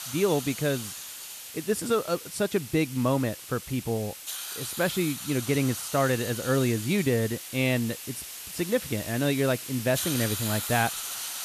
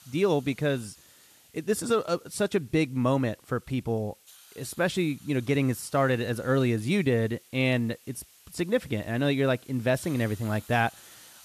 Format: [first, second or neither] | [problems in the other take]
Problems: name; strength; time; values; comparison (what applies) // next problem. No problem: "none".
second | hiss; loud; throughout; 7 dB below the speech; faint in the second